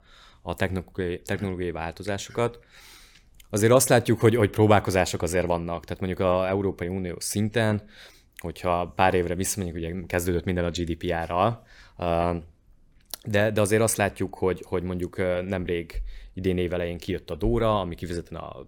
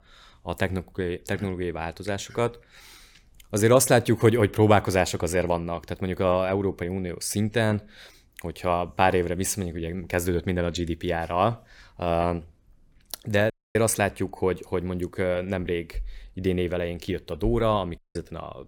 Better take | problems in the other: first | audio cutting out; at 14 s and at 18 s

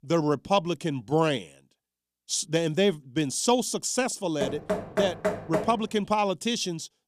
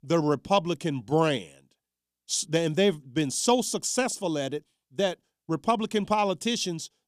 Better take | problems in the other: second | door banging; noticeable; from 4.5 to 5.5 s; peak 2 dB below the speech

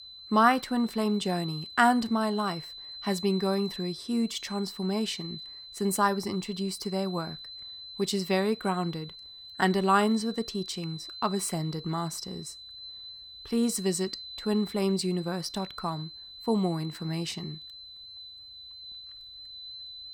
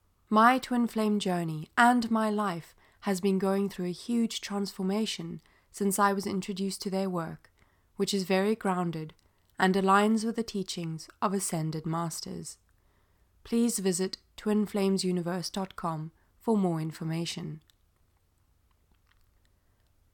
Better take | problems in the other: second | high-pitched whine; noticeable; throughout; 4 kHz, 10 dB below the speech

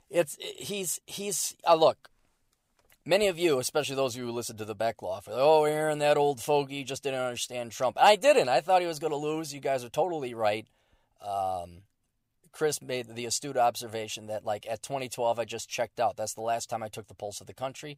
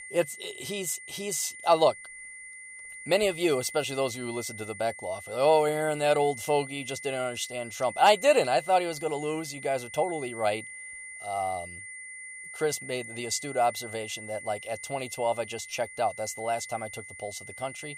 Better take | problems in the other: first | high-pitched whine; noticeable; throughout; 2 kHz, 10 dB below the speech

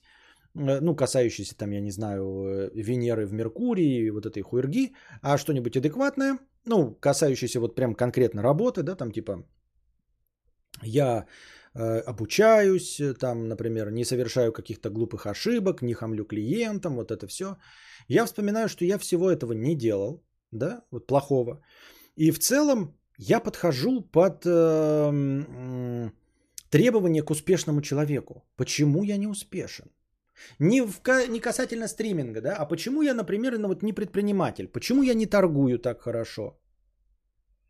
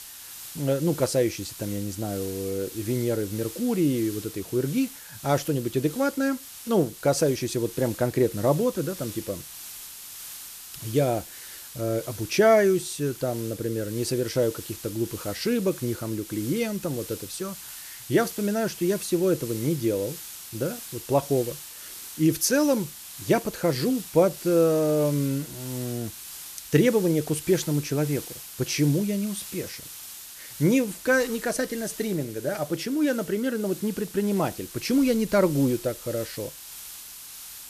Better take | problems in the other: first | hiss; noticeable; throughout; 10 dB below the speech

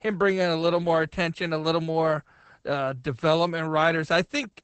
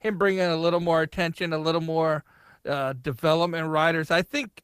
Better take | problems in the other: second | garbled, watery; badly; nothing above 8 kHz; slightly in the second

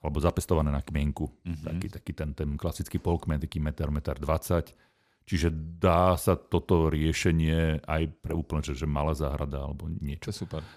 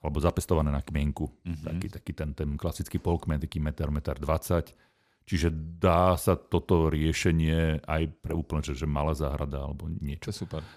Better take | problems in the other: neither | none

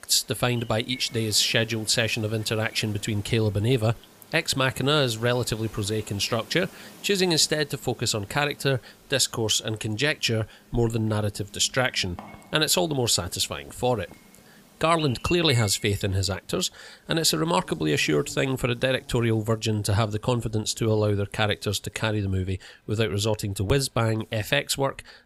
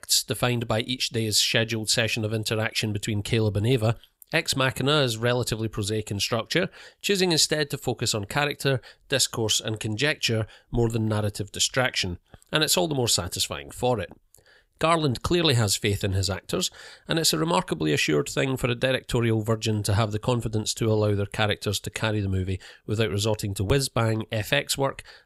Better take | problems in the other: second | animal sounds; faint; throughout; 20 dB below the speech

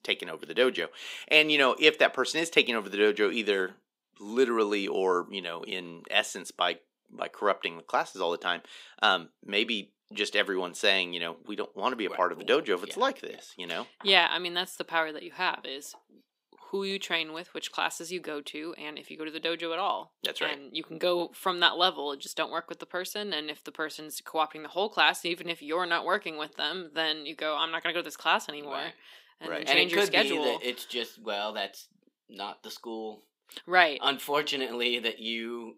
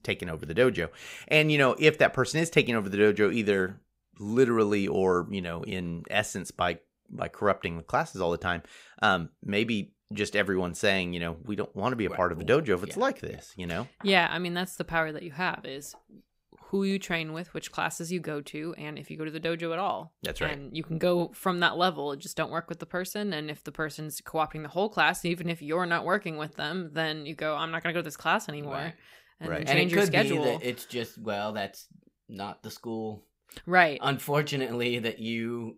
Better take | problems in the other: second | thin; somewhat; fading below 250 Hz

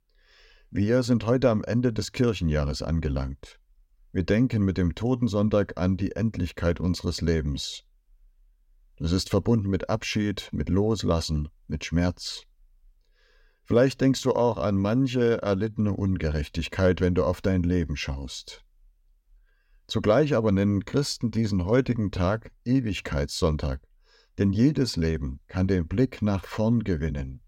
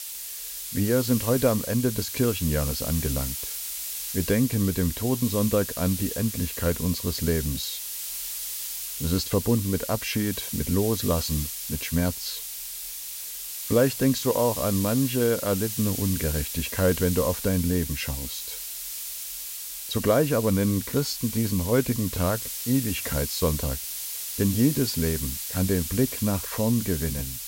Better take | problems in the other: first | hiss; loud; throughout; 5 dB below the speech

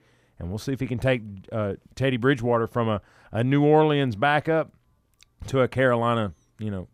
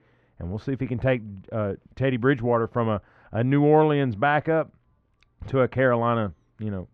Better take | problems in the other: first | muffled; slightly; fading above 2.5 kHz

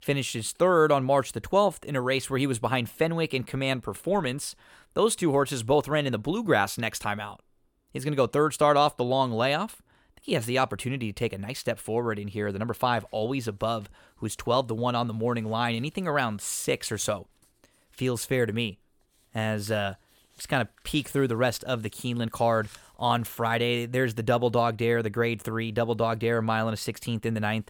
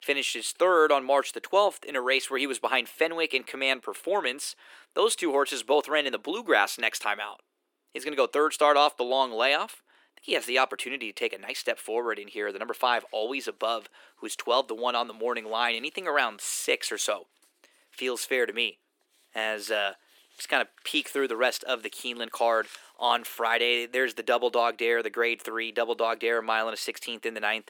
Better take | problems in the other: first | thin; somewhat; fading below 300 Hz

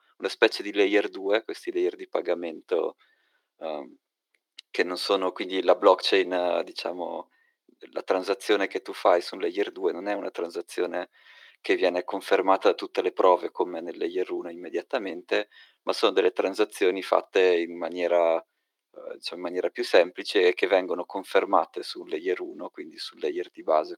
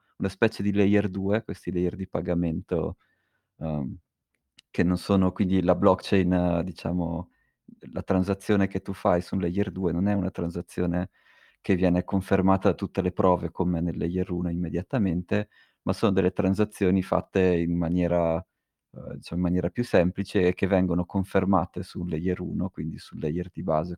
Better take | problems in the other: second | thin; very; fading below 350 Hz

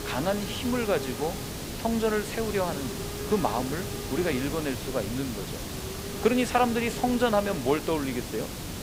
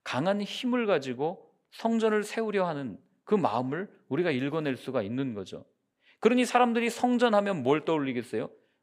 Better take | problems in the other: second | hiss; loud; throughout; 6 dB below the speech

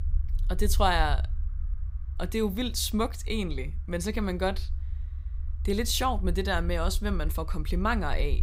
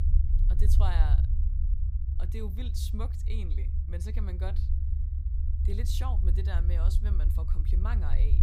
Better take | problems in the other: first | low rumble; loud; throughout; 5 dB below the speech; faint in the first

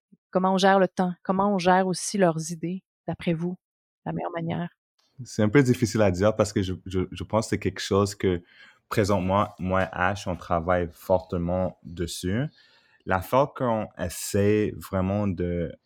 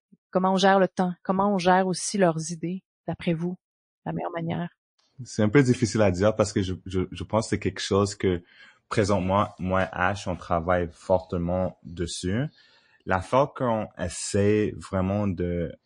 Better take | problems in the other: first | garbled, watery; slightly; nothing above 9 kHz

